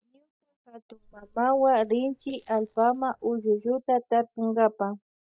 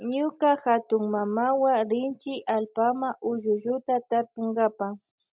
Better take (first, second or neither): second